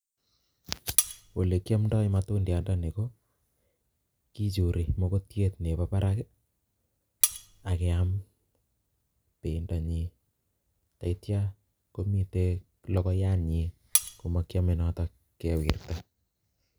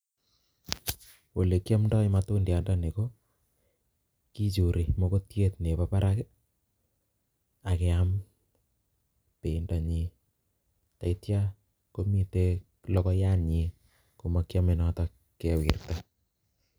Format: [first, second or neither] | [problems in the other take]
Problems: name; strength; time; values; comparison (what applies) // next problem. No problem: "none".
second | background sound (Cutlery, silverware); 1 dB above the speech